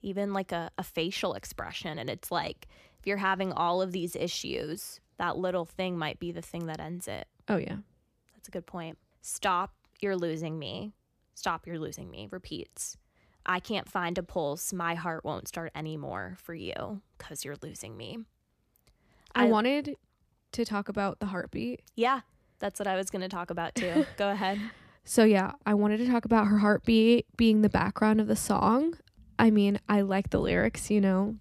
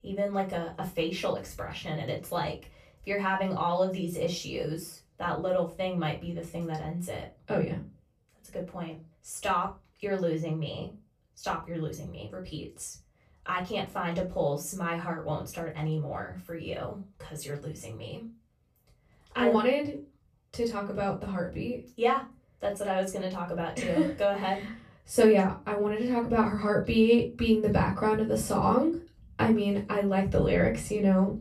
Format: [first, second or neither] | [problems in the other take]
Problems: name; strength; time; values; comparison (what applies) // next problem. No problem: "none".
first | off-mic speech; far // room echo; slight; dies away in 0.2 s